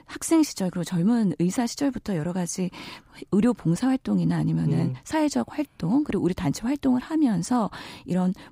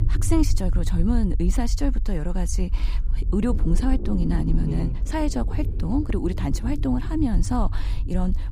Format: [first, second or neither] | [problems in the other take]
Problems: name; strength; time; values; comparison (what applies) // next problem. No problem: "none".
first | low rumble; noticeable; throughout; 15 dB below the speech